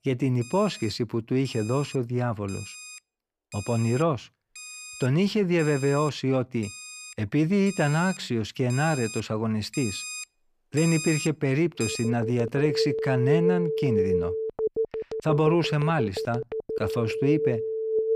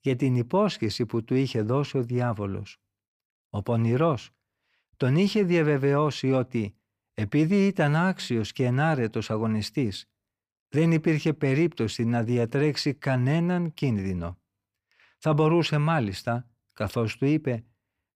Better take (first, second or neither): second